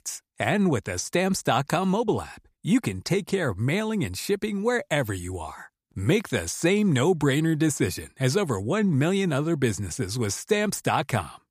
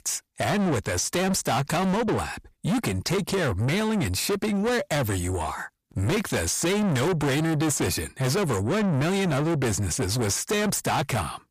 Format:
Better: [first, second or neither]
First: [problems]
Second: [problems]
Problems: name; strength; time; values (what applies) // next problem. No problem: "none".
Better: first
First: none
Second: distortion; heavy; 6 dB below the speech